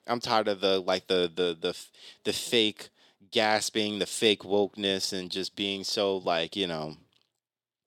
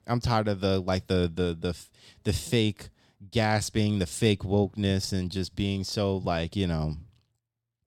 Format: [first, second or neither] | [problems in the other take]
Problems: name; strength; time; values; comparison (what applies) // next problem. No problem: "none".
second | thin; somewhat; fading below 350 Hz